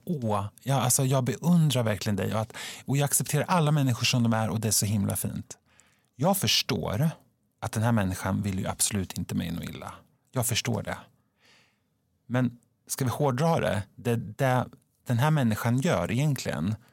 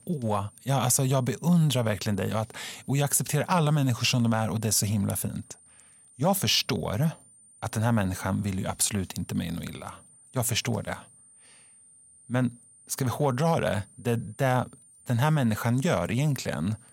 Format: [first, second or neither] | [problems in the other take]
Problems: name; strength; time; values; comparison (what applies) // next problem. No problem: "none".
first | high-pitched whine; faint; throughout; 9 kHz, 25 dB below the speech